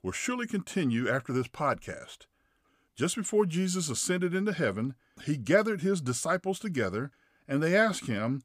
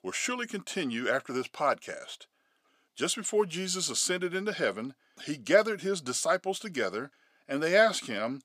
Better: first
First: none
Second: thin; somewhat; fading below 300 Hz

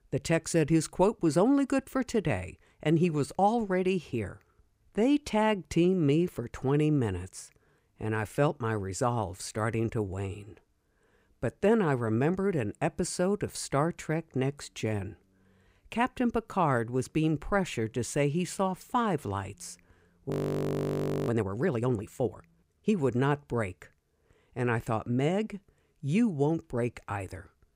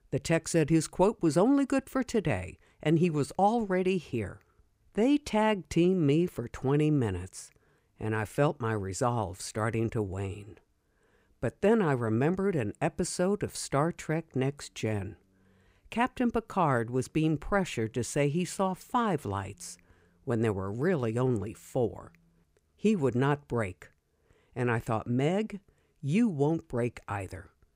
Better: second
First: audio freezing; at 20 s for 1 s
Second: none

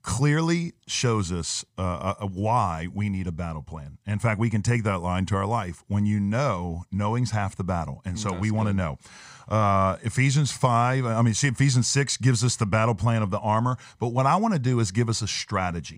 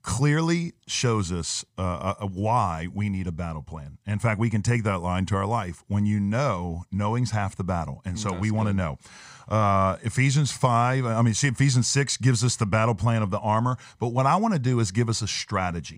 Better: neither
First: none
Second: none

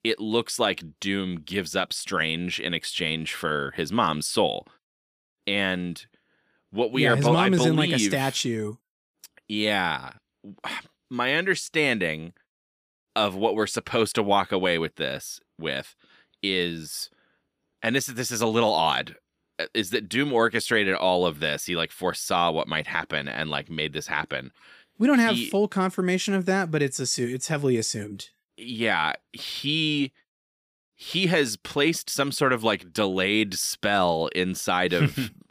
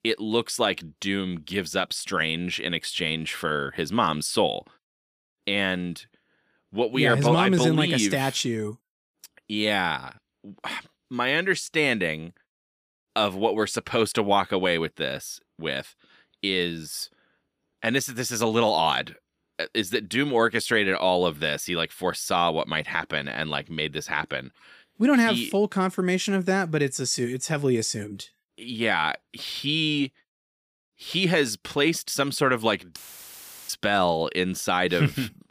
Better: first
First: none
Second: audio cutting out; filled with static; at 33 s for 0.5 s

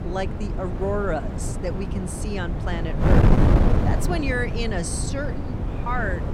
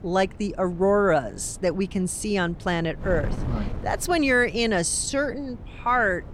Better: second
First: wind noise on the microphone; heavy; 2 dB below the speech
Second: wind noise on the microphone; occasional gusts; 20 dB below the speech

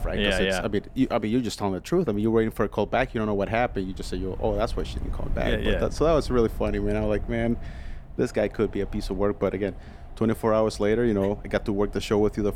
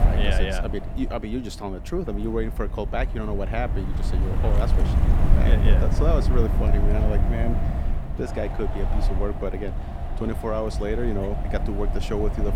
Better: first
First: wind noise on the microphone; occasional gusts; 25 dB below the speech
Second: wind noise on the microphone; heavy; 5 dB below the speech

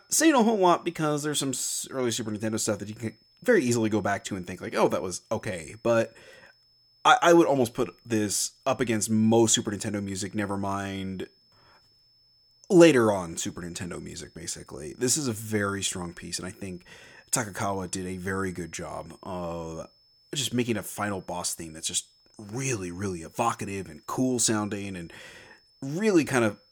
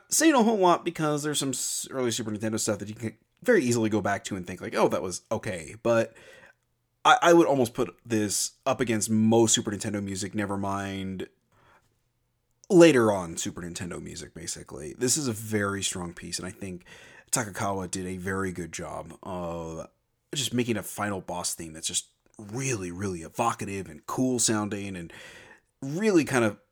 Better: second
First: high-pitched whine; faint; throughout; 5 kHz, 35 dB below the speech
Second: none

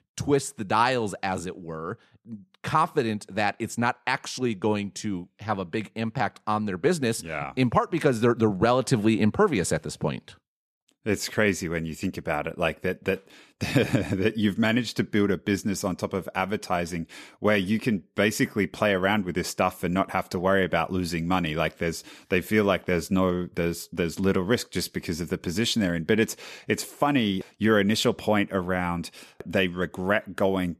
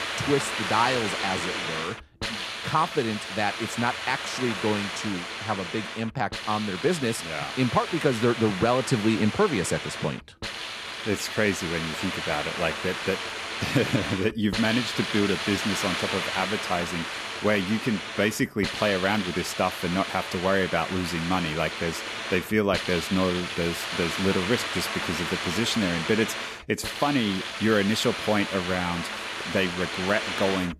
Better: first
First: none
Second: hiss; loud; throughout; 4 dB below the speech

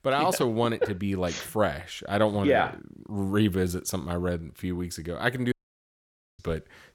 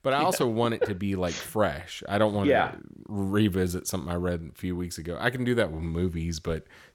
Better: second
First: audio cutting out; at 5.5 s for 1 s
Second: none

